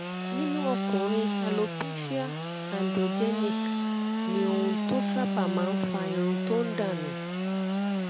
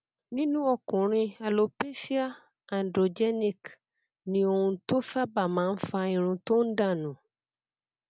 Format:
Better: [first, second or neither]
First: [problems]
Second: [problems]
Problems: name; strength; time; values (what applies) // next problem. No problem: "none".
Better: second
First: background sound (Sawing / Engine); 2 dB above the speech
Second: none